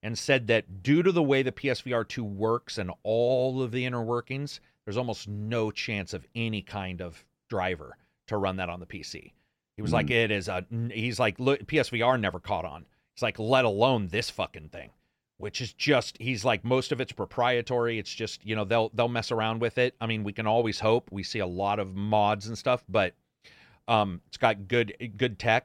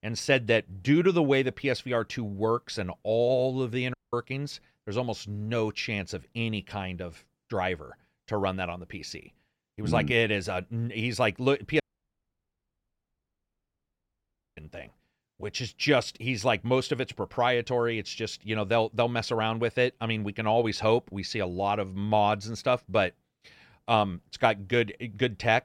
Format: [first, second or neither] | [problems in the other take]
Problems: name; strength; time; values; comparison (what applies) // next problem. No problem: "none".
first | audio cutting out; at 4 s and at 12 s for 3 s